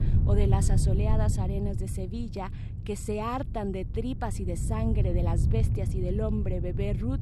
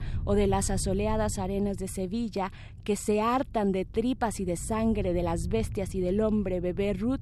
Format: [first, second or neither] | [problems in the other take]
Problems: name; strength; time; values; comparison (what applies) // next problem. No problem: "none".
second | wind noise on the microphone; heavy; 8 dB below the speech; occasional gusts in the second